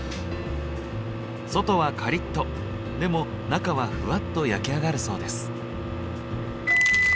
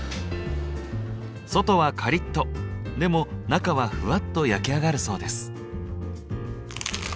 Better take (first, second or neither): second